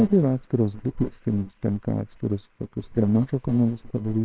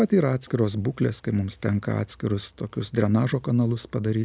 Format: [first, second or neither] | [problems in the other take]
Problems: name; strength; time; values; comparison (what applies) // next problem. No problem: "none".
second | noise reduction (neural separator model SepFormer WHAMR!)